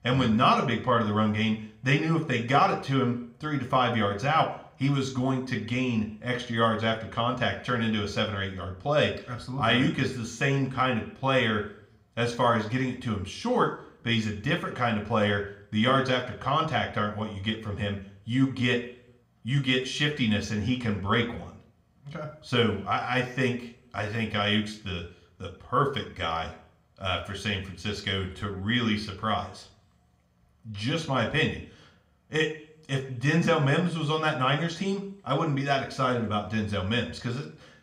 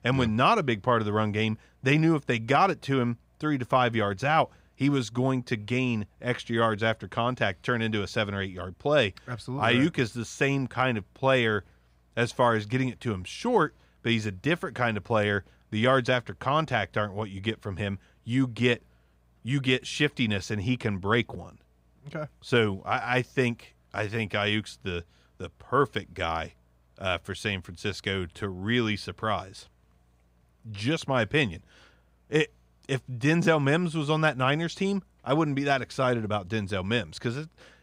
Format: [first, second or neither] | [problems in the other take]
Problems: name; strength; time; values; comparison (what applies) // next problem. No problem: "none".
second | room echo; very slight; dies away in 0.4 s // off-mic speech; somewhat distant